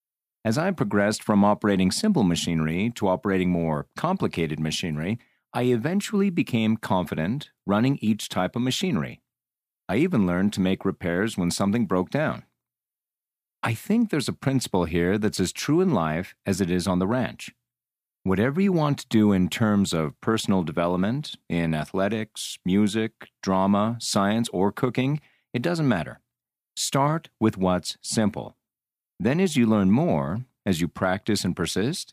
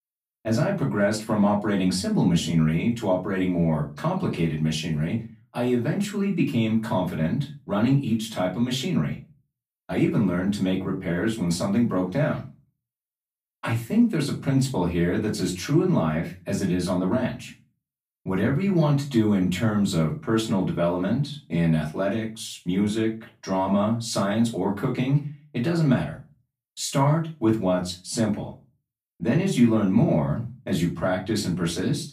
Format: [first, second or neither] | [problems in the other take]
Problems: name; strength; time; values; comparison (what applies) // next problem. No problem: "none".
first | off-mic speech; far // room echo; slight; dies away in 0.3 s